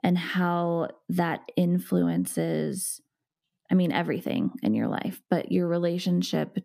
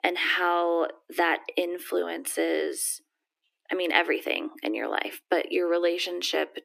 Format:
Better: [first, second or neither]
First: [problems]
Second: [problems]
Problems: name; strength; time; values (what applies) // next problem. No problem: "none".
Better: first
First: none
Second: thin; very; fading below 300 Hz